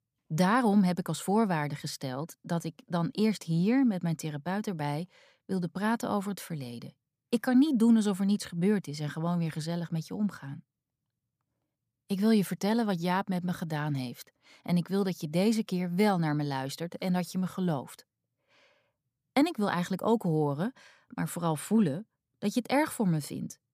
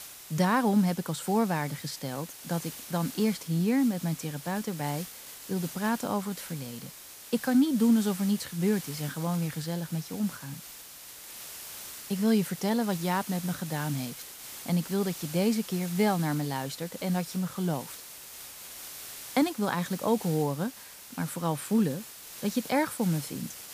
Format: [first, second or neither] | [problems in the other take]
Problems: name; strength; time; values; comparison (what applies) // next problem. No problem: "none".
first | hiss; noticeable; throughout; 10 dB below the speech